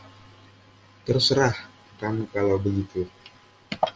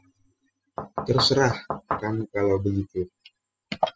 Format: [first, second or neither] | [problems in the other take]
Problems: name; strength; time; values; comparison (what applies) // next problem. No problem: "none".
first | noise reduction (classical method spectral subtraction)